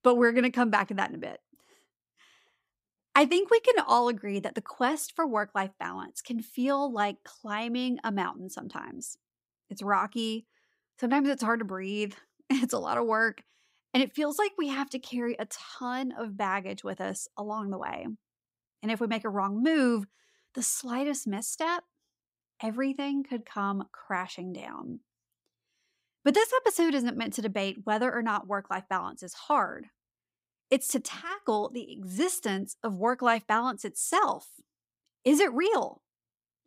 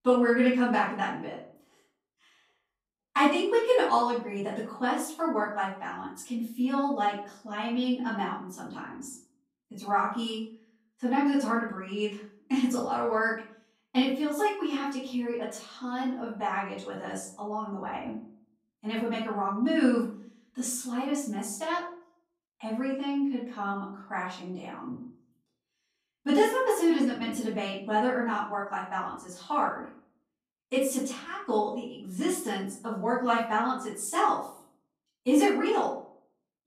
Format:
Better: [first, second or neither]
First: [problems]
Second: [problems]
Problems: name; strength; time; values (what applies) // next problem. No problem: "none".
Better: first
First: none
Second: room echo; noticeable; dies away in 0.4 s // off-mic speech; far